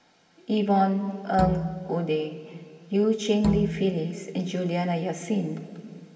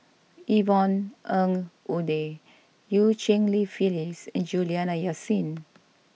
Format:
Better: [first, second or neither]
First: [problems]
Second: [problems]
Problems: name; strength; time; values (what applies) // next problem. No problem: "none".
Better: second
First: background sound (Bowed string instrument); 5 dB below the speech // room echo; dies away in 2.4 s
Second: none